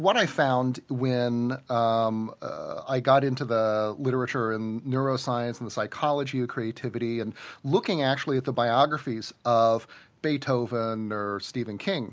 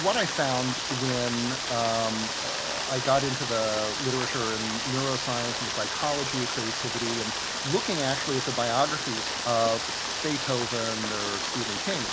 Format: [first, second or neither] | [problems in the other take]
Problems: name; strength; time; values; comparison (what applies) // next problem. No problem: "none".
first | background sound (Rain); 1 dB below the speech